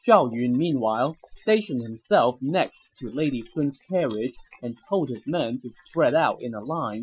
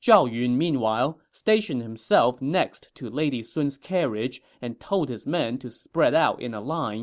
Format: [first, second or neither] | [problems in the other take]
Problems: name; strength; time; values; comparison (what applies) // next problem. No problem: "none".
second | noise reduction (classical method Wiener filter)